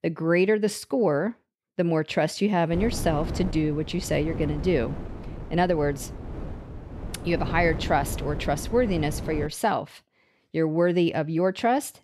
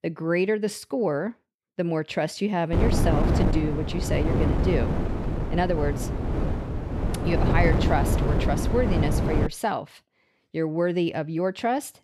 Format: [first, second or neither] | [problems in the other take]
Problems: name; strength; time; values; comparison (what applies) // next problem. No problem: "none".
first | wind noise on the microphone; heavy; from 2.5 to 9.5 s; 3 dB below the speech; occasional gusts in the first